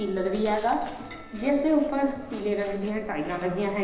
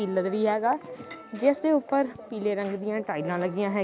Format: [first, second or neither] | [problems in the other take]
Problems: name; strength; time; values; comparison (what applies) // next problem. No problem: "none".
second | background sound (Chewing, mastication); 16 dB below the speech // room echo; dies away in 1 s